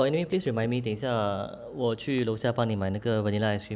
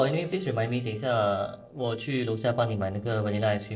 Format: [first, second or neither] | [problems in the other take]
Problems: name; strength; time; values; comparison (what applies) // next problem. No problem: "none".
first | noise reduction (neural separator model SepFormer DNS4)